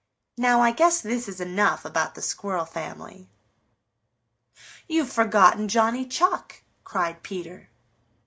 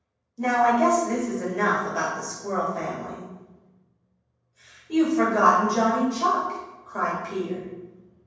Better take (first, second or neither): first